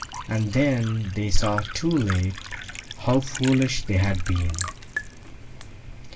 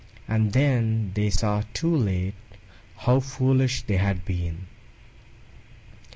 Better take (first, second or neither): second